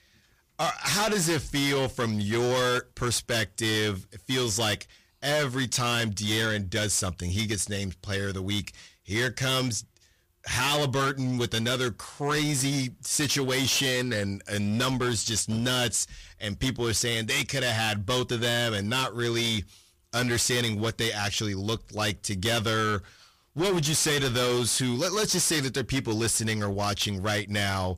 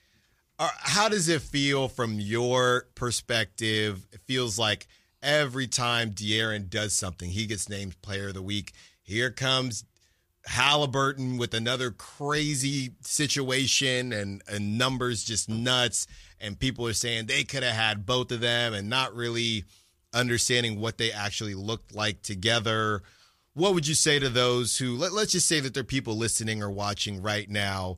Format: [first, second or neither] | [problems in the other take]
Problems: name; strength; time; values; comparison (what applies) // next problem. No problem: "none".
second | distortion; heavy; 17% of the sound clipped